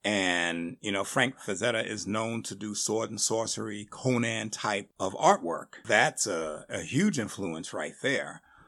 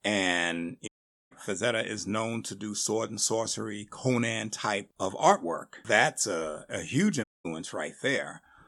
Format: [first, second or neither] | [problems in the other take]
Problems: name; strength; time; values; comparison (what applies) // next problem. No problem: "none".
first | audio cutting out; at 1 s and at 7 s